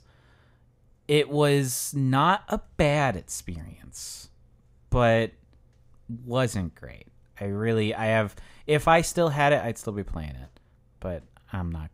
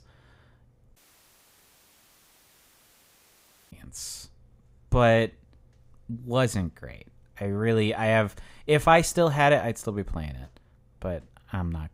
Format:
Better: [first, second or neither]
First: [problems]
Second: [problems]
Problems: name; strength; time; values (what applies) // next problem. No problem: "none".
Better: first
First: none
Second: audio cutting out; at 1 s for 3 s